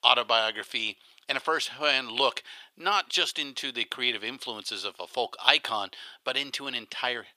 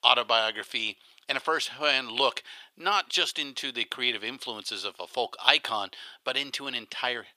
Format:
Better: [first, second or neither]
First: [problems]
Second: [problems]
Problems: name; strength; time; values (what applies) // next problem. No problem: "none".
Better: neither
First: thin; very; fading below 650 Hz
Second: thin; very; fading below 650 Hz